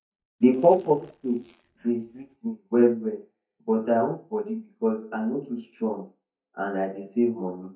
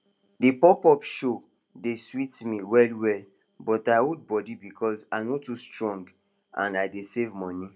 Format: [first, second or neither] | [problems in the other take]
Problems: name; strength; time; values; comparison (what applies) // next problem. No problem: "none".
second | noise reduction (neural mask model DeepFilterNet 3)